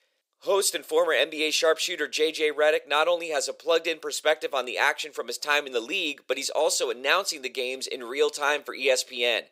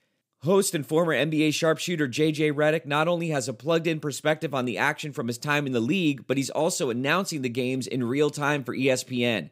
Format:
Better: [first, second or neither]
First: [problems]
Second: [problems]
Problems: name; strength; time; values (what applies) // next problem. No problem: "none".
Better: second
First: thin; very; fading below 450 Hz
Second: none